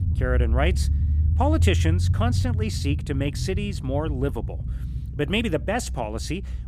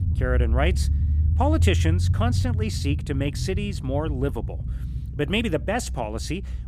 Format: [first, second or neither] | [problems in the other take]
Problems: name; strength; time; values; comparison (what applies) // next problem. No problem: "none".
neither | low rumble; noticeable; throughout; 15 dB below the speech; the same in both